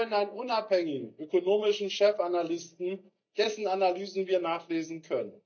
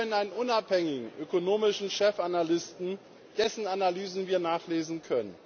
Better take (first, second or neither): second